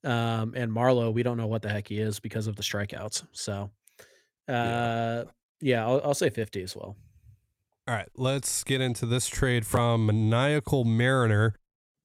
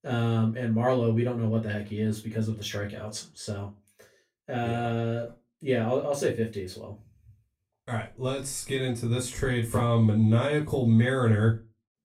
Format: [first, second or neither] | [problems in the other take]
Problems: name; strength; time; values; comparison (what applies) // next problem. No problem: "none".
first | off-mic speech; far // room echo; very slight; dies away in 0.2 s